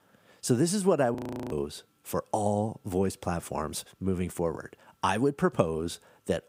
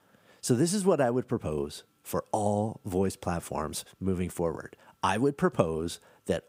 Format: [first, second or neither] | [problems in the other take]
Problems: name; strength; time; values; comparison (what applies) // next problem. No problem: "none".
second | audio freezing; at 1 s